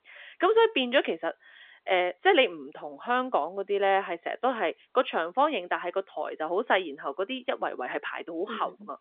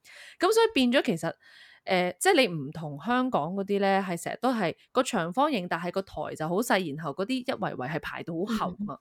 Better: second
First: phone-call audio; nothing above 3.5 kHz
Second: none

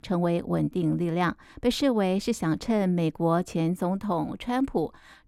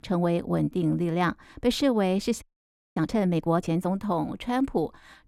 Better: first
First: none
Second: audio freezing; at 2.5 s for 0.5 s

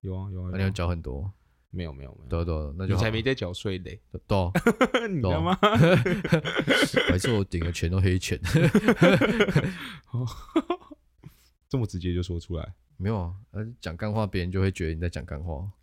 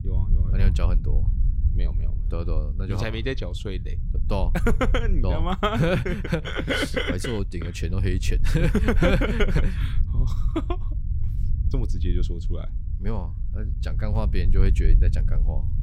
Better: first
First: none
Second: low rumble; noticeable; throughout; 15 dB below the speech

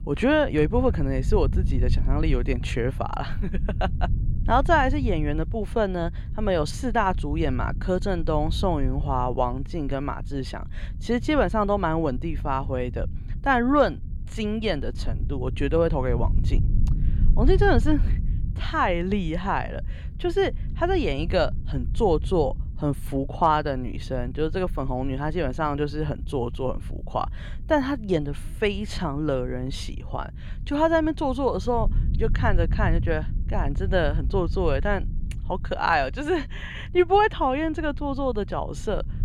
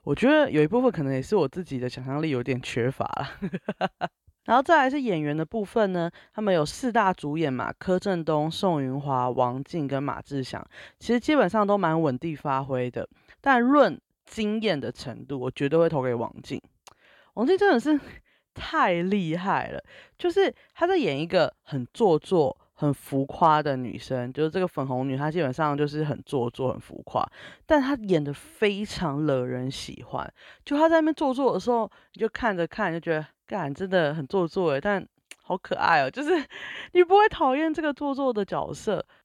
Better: second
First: low rumble; faint; throughout; 20 dB below the speech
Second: none

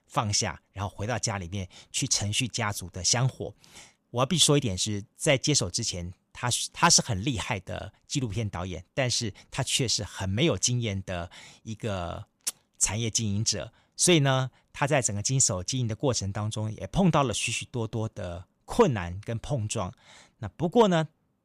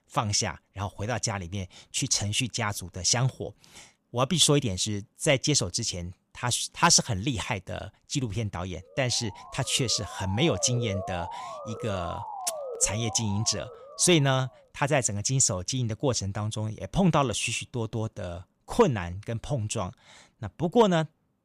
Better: first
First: none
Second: siren; noticeable; from 9 to 14 s; peak 9 dB below the speech

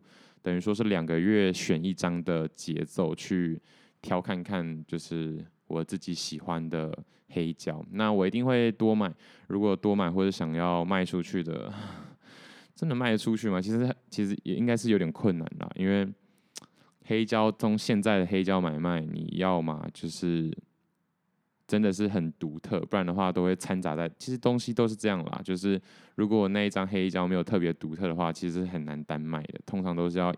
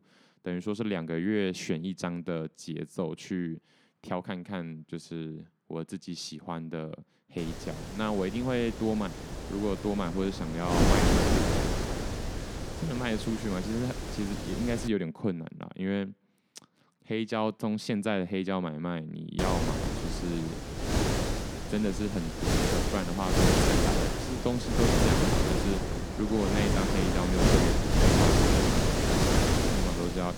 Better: first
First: none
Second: wind noise on the microphone; heavy; from 7.5 to 15 s and from 19 s on; 5 dB above the speech

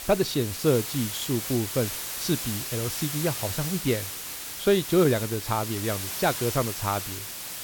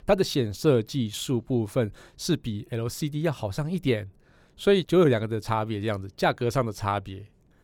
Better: second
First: hiss; loud; throughout; 4 dB below the speech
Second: none

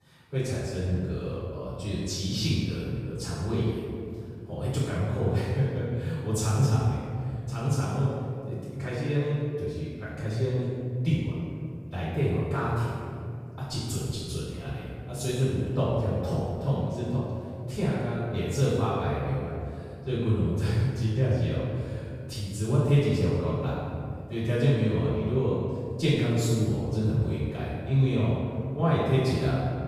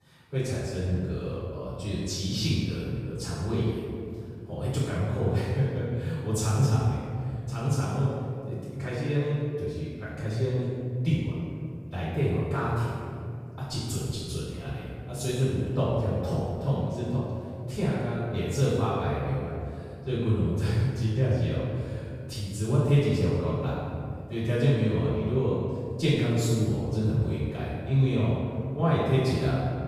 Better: neither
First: off-mic speech; far // room echo; strong; dies away in 2.3 s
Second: off-mic speech; far // room echo; strong; dies away in 2.3 s

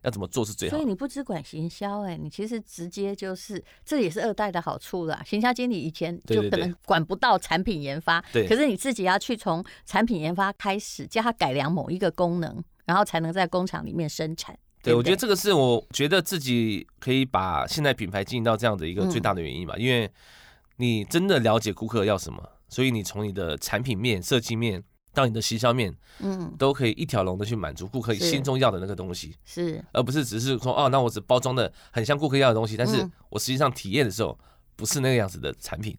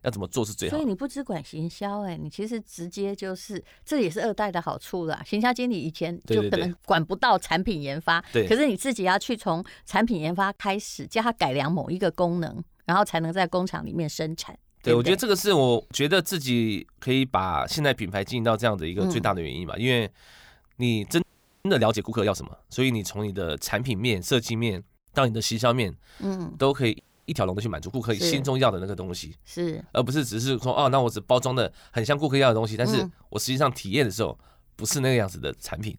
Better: first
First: none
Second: audio freezing; at 21 s and at 27 s

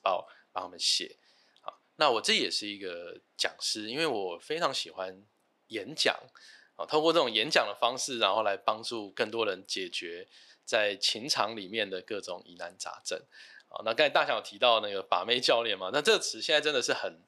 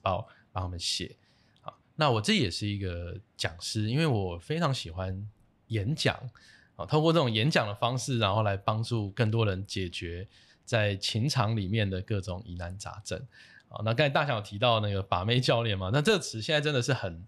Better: second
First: thin; very; fading below 350 Hz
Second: none

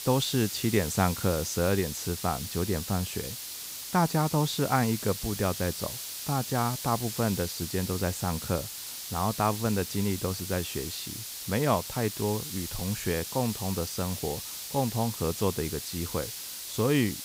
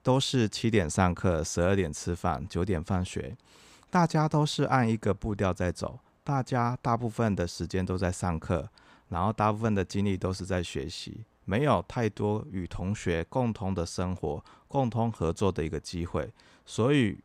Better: second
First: hiss; loud; throughout; 6 dB below the speech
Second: none

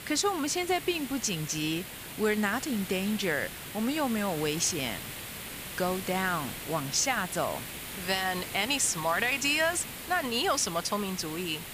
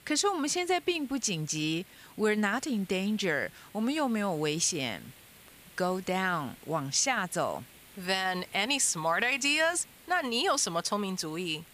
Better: second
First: hiss; loud; throughout; 9 dB below the speech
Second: hiss; faint; throughout; 25 dB below the speech

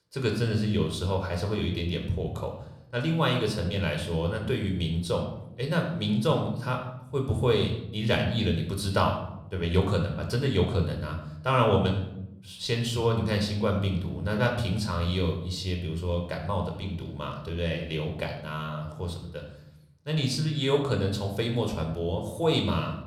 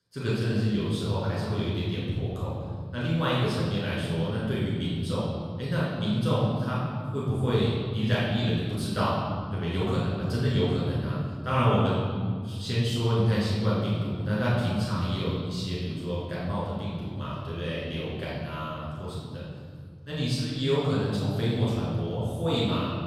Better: first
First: room echo; slight; dies away in 0.7 s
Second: room echo; strong; dies away in 2.7 s // off-mic speech; far

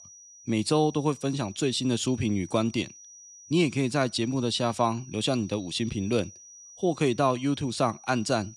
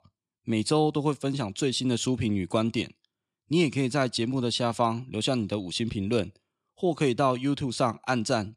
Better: second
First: high-pitched whine; noticeable; throughout; 6 kHz, 20 dB below the speech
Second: none

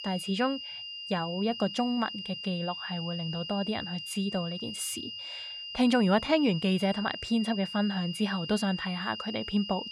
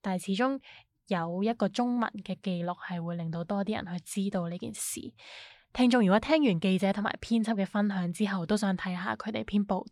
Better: second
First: high-pitched whine; loud; throughout; 3 kHz, 7 dB below the speech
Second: none

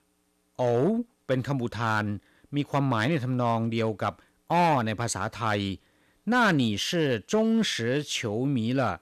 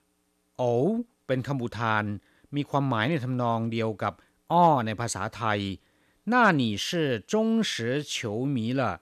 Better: second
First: distortion; slight; 3% of the sound clipped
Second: none

